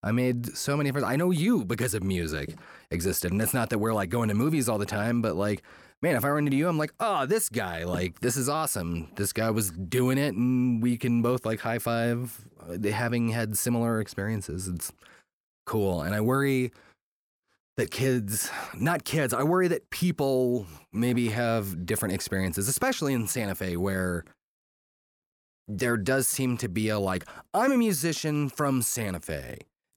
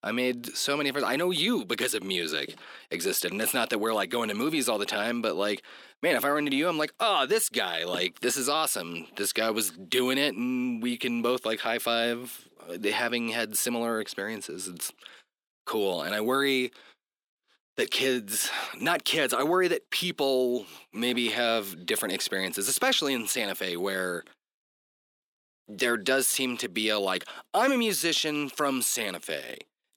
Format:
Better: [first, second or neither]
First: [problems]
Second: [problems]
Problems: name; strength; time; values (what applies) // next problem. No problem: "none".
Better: first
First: none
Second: thin; very slightly; fading below 250 Hz